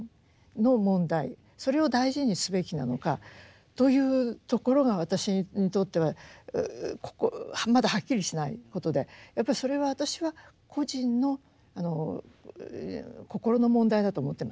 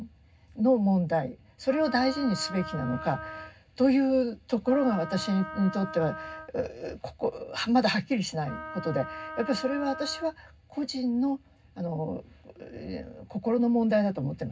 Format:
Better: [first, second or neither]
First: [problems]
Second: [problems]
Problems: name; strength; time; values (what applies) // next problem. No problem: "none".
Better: first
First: none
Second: background sound (Wind instrument, woodwind instrument); 12 dB below the speech // room echo; dies away in 0.4 s